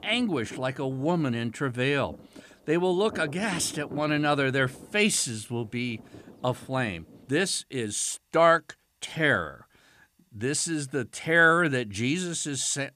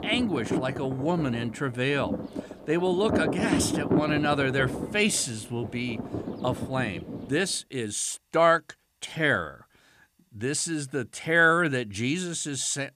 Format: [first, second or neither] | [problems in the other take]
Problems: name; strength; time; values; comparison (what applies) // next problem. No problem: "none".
first | rain or running water; loud; until 7.5 s; 5 dB below the speech; faint in the first